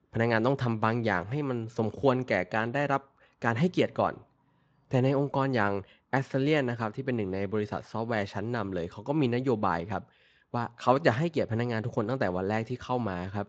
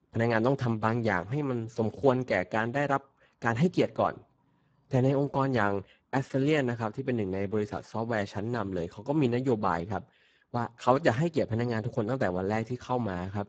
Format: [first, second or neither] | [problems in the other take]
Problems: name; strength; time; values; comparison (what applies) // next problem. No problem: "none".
first | garbled, watery; badly; nothing above 7.5 kHz; slightly in the first